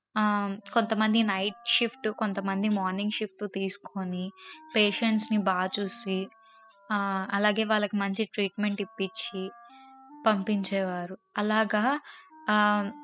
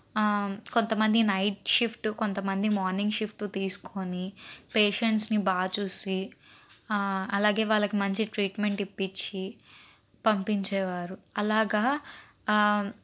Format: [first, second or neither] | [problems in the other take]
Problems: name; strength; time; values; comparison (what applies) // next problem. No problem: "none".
second | noise reduction (classical method spectral subtraction)